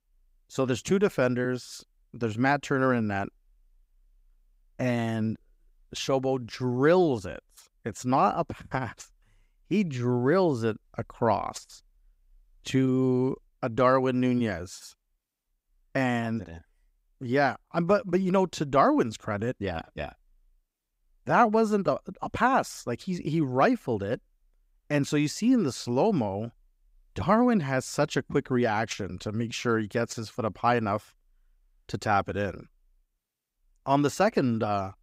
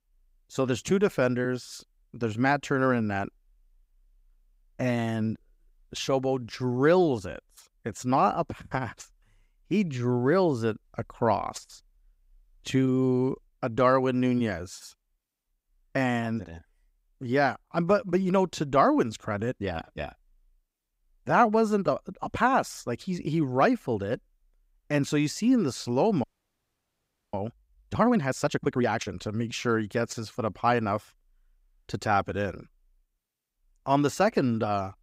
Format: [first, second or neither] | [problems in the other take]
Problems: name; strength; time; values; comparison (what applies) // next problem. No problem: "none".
first | audio freezing; at 26 s for 1 s